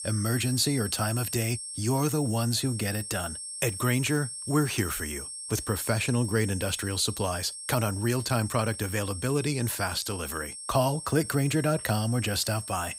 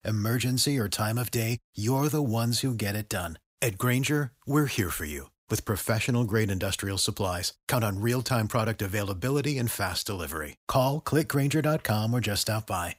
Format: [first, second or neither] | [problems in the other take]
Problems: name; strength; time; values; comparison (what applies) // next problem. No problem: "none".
second | high-pitched whine; loud; throughout; 8.5 kHz, 8 dB below the speech